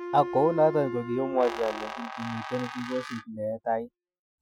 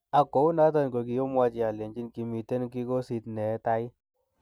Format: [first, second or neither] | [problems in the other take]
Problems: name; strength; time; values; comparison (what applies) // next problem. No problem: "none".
second | noise reduction (classical method Wiener filter)